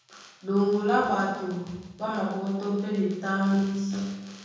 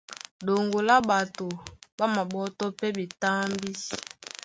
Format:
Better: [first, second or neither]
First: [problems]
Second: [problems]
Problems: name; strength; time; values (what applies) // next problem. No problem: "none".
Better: second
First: room echo; dies away in 1.3 s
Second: none